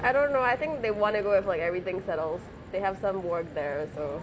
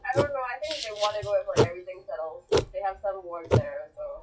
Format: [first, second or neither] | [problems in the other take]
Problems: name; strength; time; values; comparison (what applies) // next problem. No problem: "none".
first | noise reduction (classical method WPE with log-MMSE)